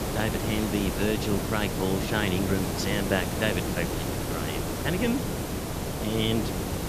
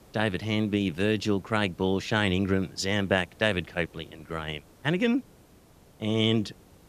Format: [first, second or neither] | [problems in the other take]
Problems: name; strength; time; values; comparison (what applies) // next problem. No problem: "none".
second | hiss; loud; throughout; 1 dB below the speech; faint in the second